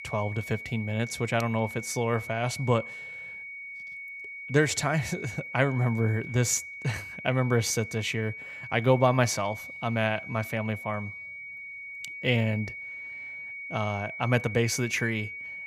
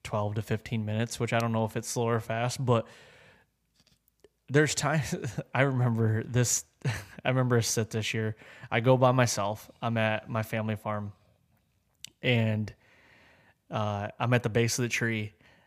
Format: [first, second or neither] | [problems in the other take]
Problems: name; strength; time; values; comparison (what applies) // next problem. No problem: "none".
second | high-pitched whine; loud; throughout; 2 kHz, 10 dB below the speech